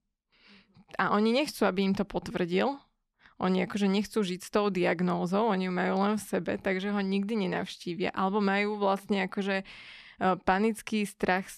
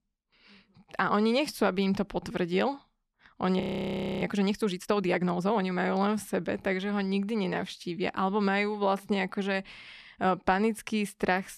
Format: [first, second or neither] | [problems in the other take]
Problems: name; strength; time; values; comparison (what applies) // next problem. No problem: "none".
first | audio freezing; at 3.5 s for 0.5 s